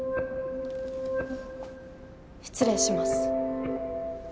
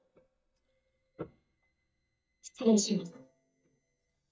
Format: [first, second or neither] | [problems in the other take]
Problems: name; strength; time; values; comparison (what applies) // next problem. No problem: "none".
first | noise reduction (neural mask model DeepFilterNet 3)